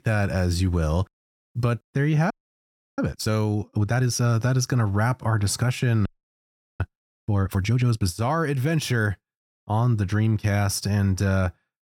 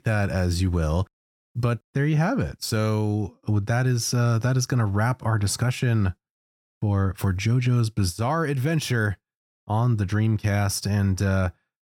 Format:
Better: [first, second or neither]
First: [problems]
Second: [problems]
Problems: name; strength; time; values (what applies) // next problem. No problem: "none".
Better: second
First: audio freezing; at 2.5 s for 0.5 s and at 6 s for 0.5 s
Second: none